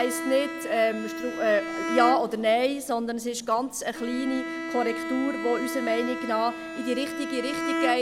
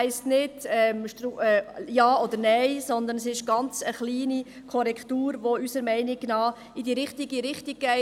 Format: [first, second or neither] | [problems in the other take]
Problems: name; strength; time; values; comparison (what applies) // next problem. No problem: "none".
second | background sound (Bowed string instrument); 5 dB below the speech